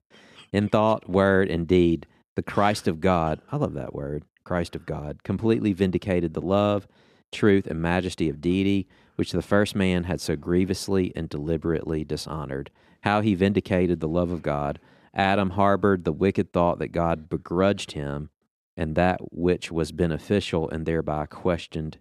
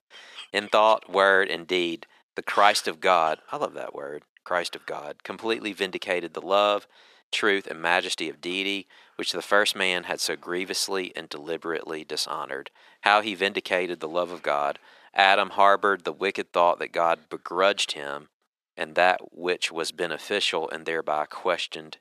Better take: first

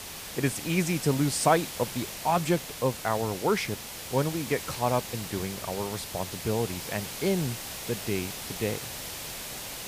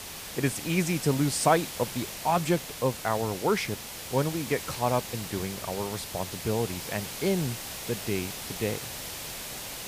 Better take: neither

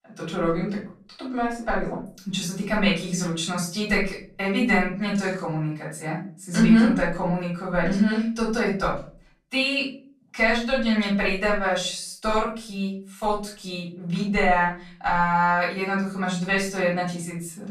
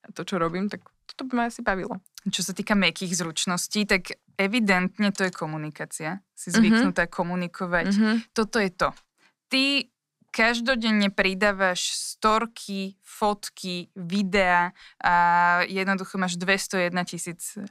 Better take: second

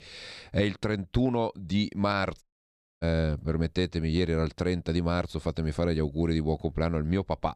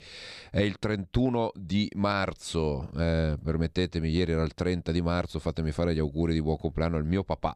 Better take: second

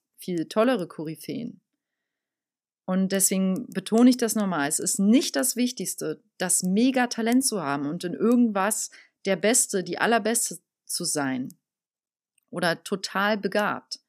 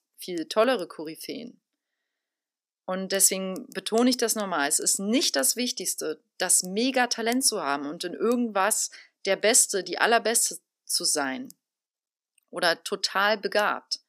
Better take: first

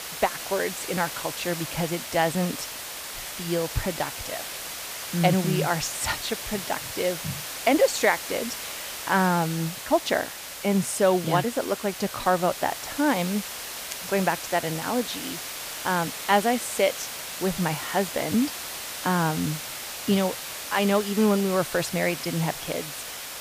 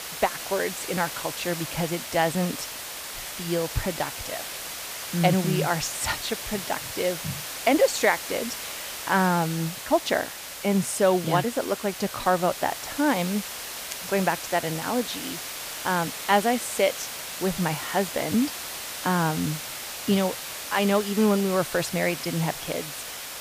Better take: neither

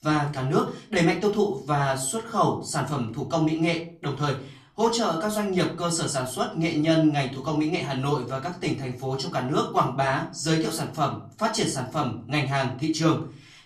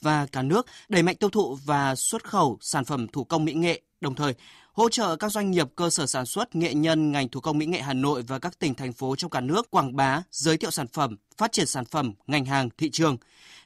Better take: second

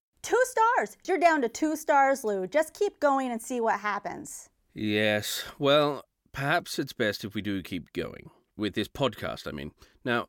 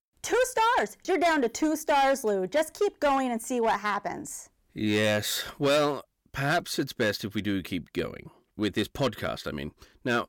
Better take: first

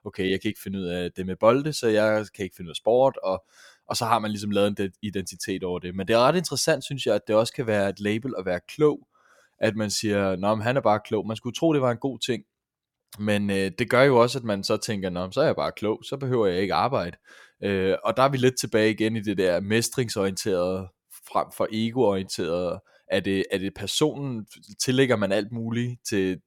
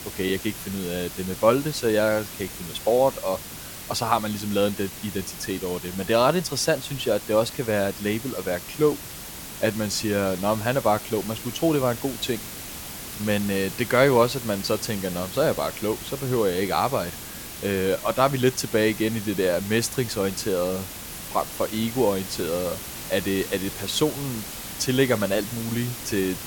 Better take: first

